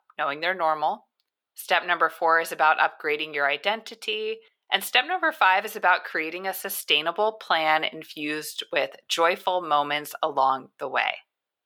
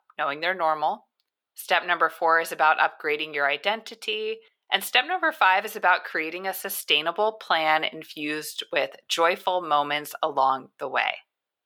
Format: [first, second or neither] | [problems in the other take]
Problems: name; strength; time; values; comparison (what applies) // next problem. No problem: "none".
neither | thin; very; fading below 600 Hz; the same in both